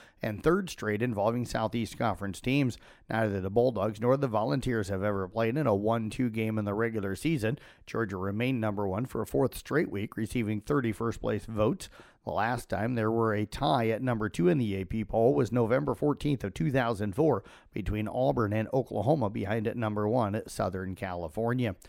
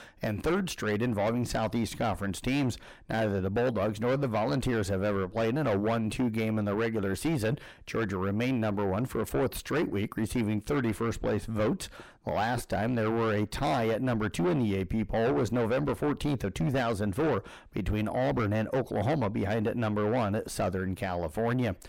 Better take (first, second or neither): first